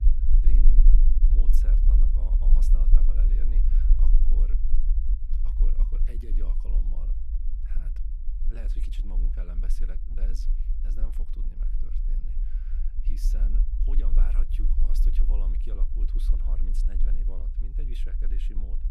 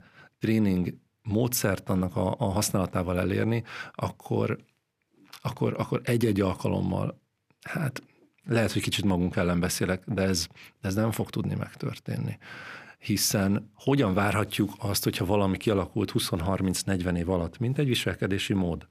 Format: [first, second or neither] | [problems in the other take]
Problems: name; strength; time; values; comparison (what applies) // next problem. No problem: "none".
second | low rumble; loud; throughout; as loud as the speech